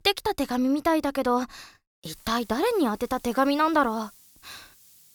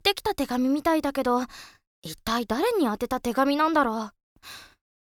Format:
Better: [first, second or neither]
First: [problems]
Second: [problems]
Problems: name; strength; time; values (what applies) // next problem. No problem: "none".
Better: second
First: hiss; faint; from 2 s on; 25 dB below the speech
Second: none